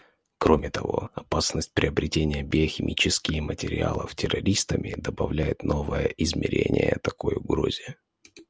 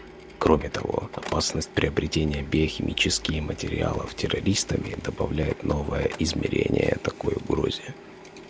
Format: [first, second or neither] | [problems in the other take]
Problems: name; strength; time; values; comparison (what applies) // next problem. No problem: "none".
first | background sound (Printer); 16 dB below the speech